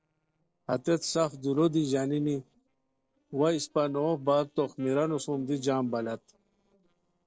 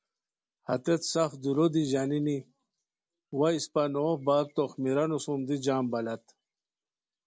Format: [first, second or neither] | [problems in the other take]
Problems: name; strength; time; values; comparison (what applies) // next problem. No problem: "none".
second | noise reduction (neural separator model SepFormer DNS4)